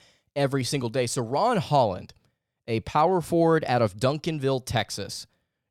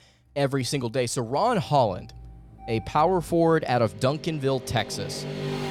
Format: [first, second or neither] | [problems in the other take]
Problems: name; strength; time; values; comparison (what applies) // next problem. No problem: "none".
first | traffic noise; noticeable; throughout; 15 dB below the speech